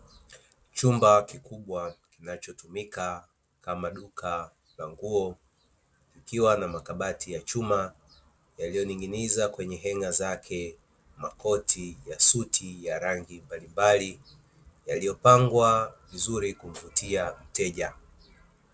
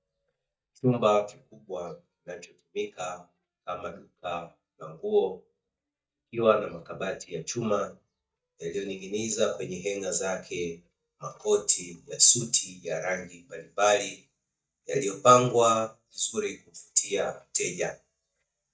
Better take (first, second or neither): first